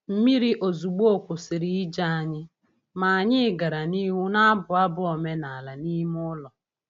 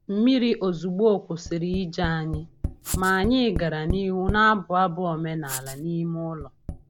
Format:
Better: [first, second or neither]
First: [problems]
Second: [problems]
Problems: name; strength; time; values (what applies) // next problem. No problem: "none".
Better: first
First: none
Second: background sound (Tap + Writing); 10 dB below the speech